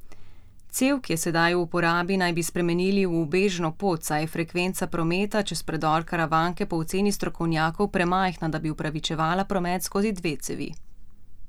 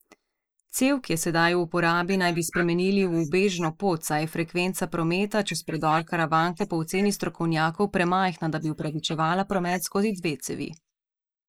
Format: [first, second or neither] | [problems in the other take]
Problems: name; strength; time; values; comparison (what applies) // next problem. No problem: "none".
first | noise reduction (neural mask model Resemble Enhance denoiser)